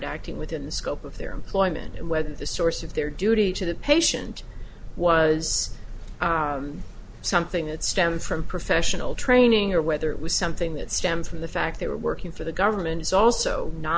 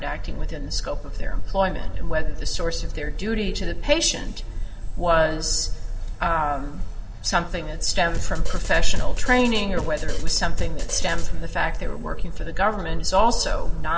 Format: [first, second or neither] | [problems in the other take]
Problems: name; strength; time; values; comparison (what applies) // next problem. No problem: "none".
first | background sound (Drum kit); 17 dB below the speech // room echo; dies away in 2.4 s